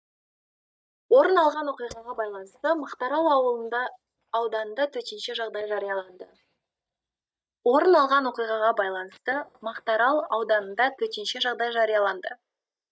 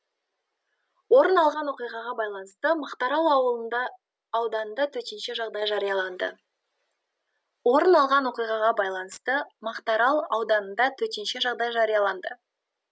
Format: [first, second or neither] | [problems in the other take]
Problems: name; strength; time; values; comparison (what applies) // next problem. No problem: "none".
second | noise reduction (neural mask model DeepFilterNet 3)